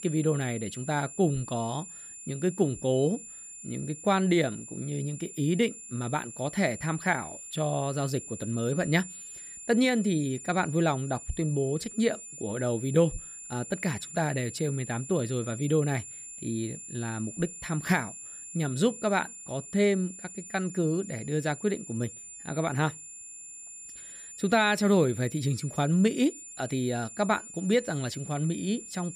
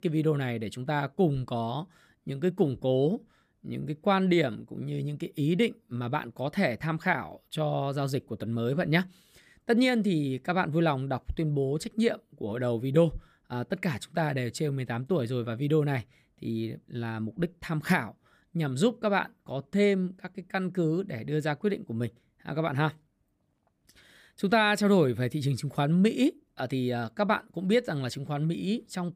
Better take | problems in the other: second | high-pitched whine; noticeable; throughout; 7 kHz, 10 dB below the speech

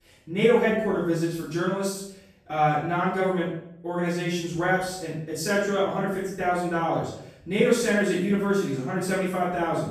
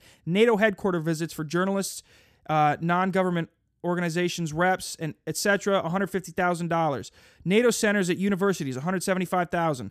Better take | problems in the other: second | off-mic speech; far // room echo; noticeable; dies away in 0.6 s

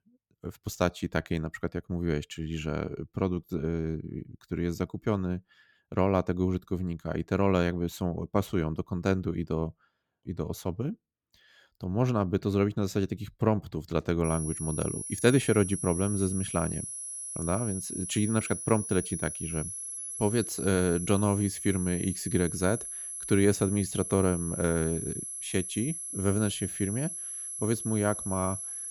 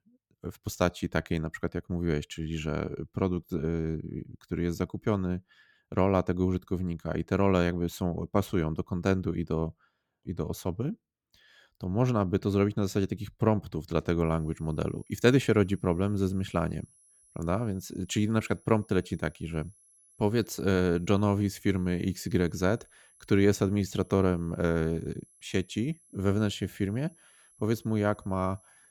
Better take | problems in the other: second | high-pitched whine; loud; from 14 s on; 10.5 kHz, 5 dB below the speech; faint in the second

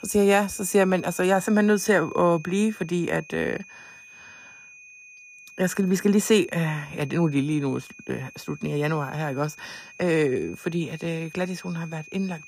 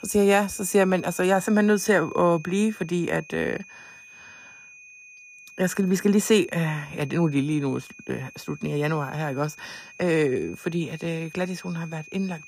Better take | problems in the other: neither | high-pitched whine; noticeable; throughout; 2.5 kHz, 20 dB below the speech; the same in both

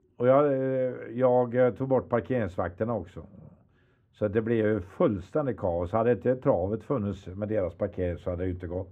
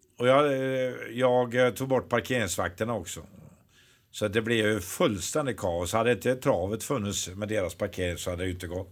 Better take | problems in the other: second | muffled; very; fading above 3 kHz

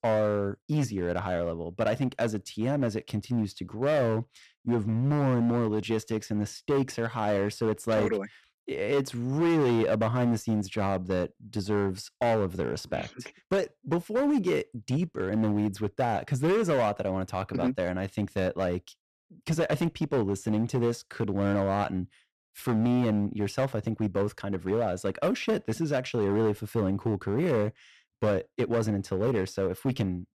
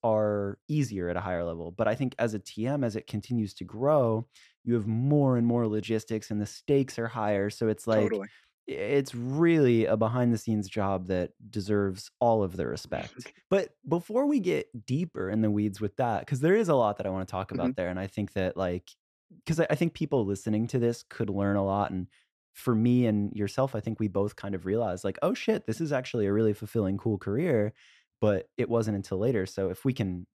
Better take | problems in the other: second | distortion; slight; 9% of the sound clipped

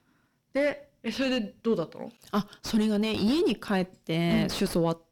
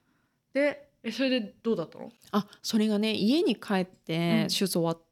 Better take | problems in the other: second | distortion; slight; 9 dB below the speech

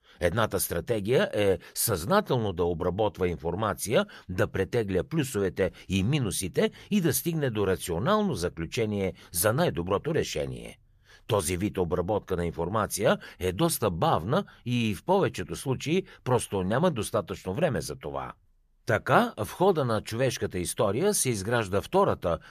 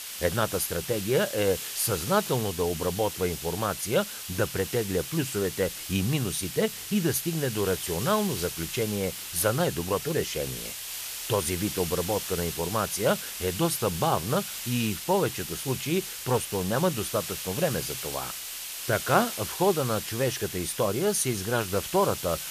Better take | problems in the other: first | hiss; loud; throughout; 6 dB below the speech

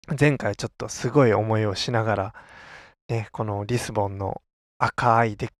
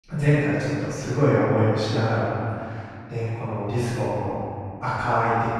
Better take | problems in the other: first | off-mic speech; far // room echo; strong; dies away in 2.3 s

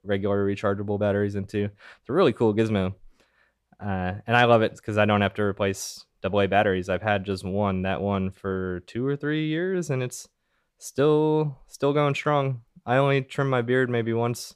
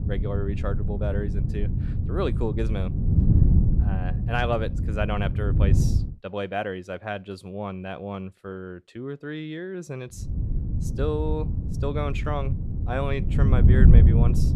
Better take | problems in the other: first | wind noise on the microphone; heavy; until 6 s and from 10 s on; 5 dB below the speech

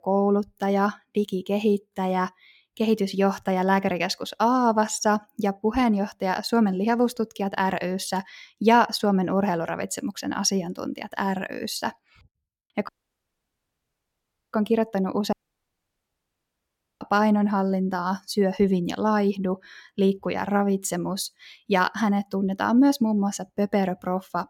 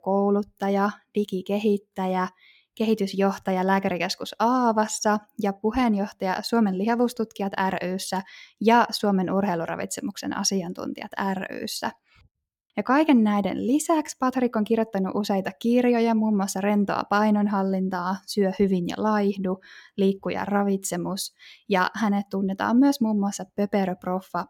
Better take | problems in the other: second | audio cutting out; at 13 s for 1.5 s and at 15 s for 1.5 s

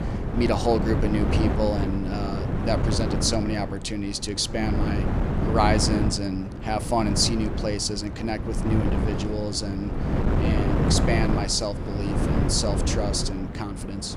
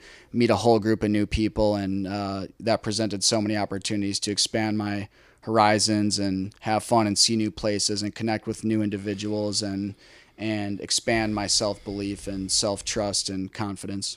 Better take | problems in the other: second | wind noise on the microphone; heavy; 5 dB below the speech

